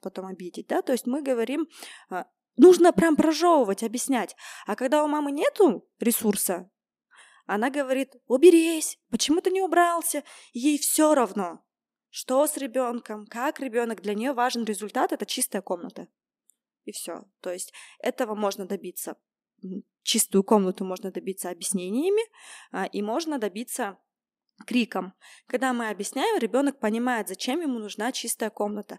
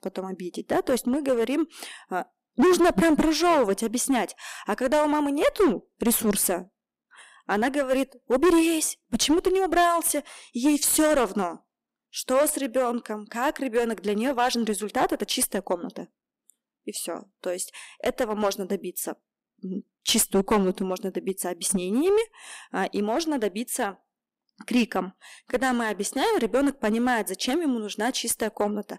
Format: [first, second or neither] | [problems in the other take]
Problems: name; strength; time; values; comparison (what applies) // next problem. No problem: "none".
first | distortion; heavy; 6% of the sound clipped